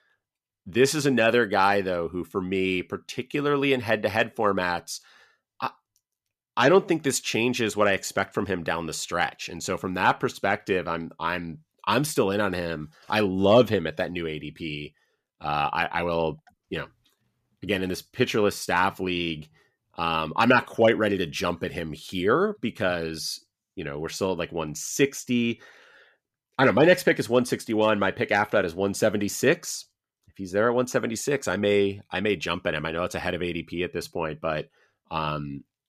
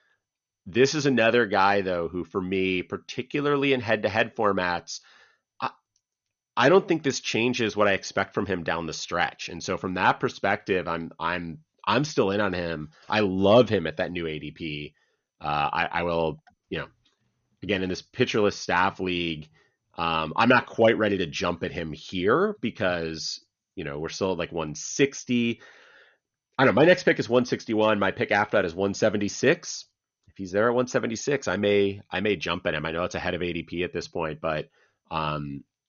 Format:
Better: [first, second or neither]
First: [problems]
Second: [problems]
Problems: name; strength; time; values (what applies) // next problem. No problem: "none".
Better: first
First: none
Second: garbled, watery; slightly; nothing above 6.5 kHz